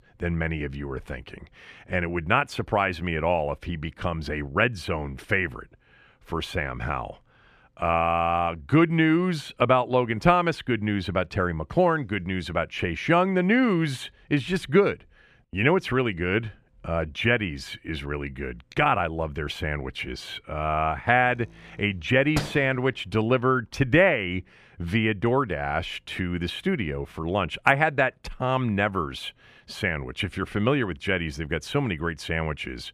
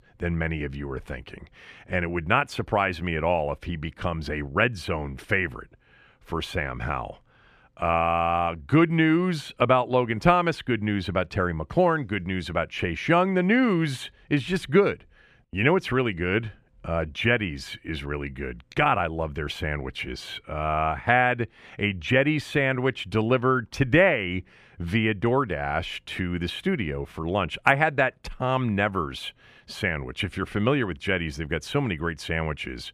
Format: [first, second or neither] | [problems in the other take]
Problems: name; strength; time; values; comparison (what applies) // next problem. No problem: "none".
second | door banging; noticeable; at 22 s; peak 8 dB below the speech